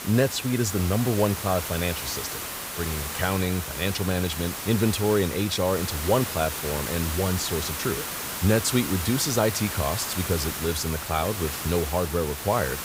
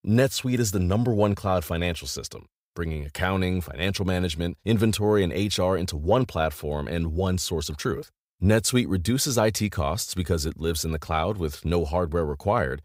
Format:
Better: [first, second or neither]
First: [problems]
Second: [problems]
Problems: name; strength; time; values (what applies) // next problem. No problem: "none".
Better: second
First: hiss; loud; throughout; 5 dB below the speech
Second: none